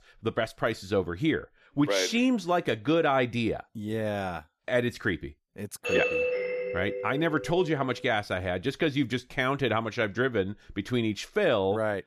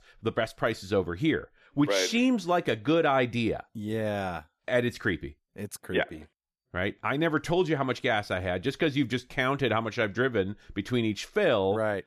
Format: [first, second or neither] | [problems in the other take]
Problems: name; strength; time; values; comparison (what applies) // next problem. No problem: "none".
second | doorbell; loud; from 6 to 8 s; peak 2 dB above the speech